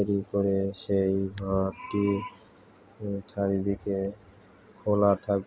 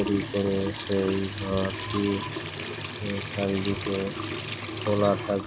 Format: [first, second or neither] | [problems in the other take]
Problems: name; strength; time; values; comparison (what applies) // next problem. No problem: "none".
first | background sound (Trickle, dribble / Sink (filling or washing) / Water tap, faucet); 5 dB below the speech